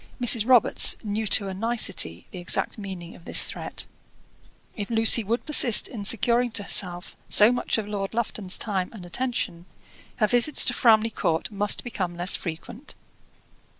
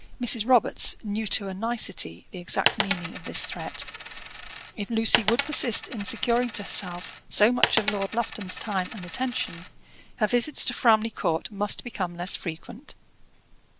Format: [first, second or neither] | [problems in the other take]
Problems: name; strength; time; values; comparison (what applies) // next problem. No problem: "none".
first | background sound (Coin (dropping)); 4 dB below the speech